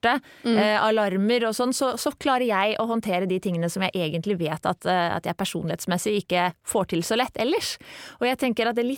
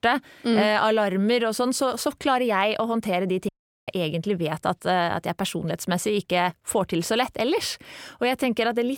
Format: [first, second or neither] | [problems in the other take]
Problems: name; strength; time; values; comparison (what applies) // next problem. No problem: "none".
first | audio cutting out; at 3.5 s